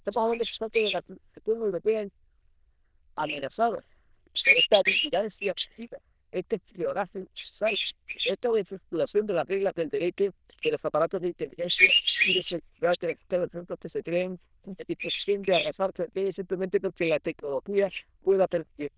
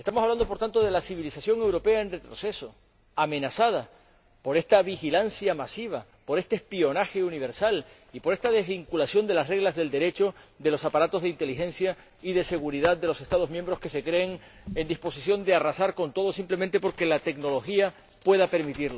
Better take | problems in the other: second | noise reduction (neural diffusion model UNIVERSE++)

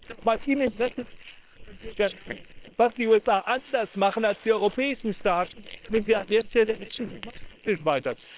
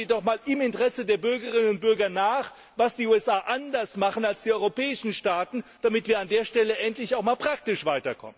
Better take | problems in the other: second | noise reduction (neural separator model SepFormer WHAM!)

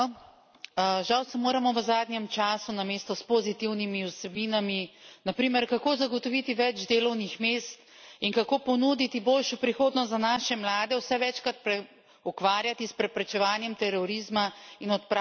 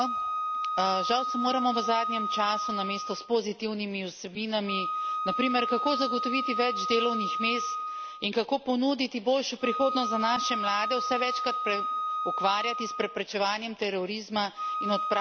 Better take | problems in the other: first | background sound (Wind instrument, woodwind instrument); 2 dB below the speech

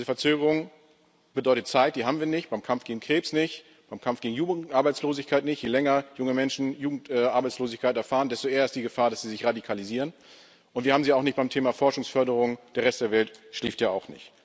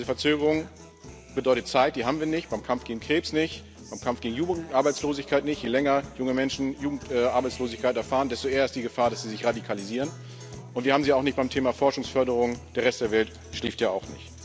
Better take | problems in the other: first | background sound (Guitar); 17 dB below the speech

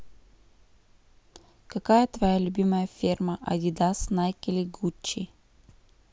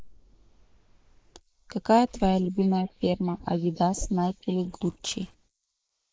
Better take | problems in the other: first | noise reduction (neural mask model Resemble Enhance denoiser)

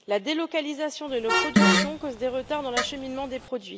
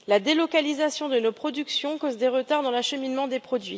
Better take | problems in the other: second | background sound (Vehicle horn, car horn, honking + Fart); 2 dB above the speech

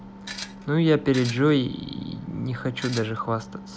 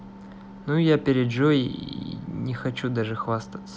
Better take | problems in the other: second | background sound (Tools); 13 dB below the speech

